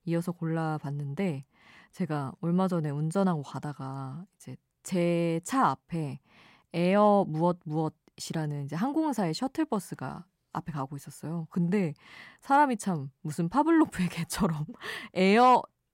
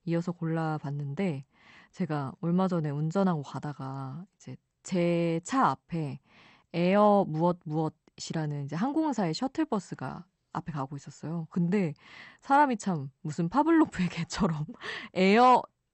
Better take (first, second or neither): first